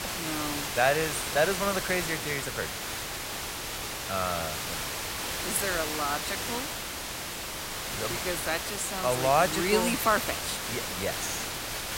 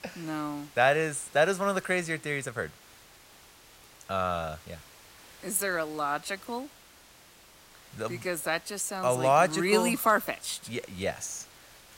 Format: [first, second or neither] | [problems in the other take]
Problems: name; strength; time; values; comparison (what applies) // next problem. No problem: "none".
second | hiss; loud; throughout; 2 dB below the speech; faint in the second